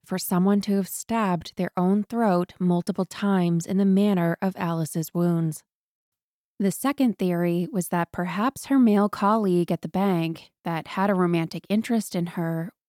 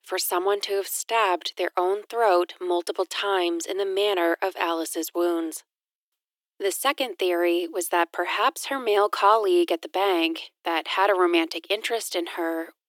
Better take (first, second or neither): first